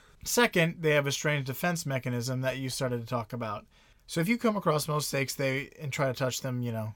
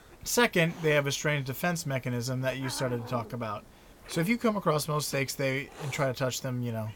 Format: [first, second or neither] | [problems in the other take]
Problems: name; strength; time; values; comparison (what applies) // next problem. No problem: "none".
first | hiss; noticeable; throughout; 20 dB below the speech